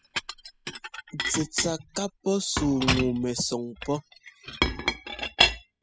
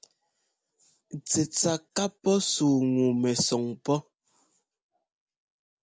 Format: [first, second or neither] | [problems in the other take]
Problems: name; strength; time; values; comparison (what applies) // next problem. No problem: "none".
second | noise reduction (classical method spectral subtraction)